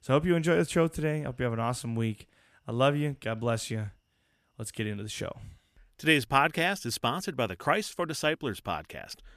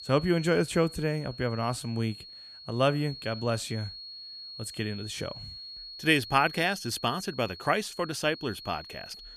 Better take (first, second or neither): first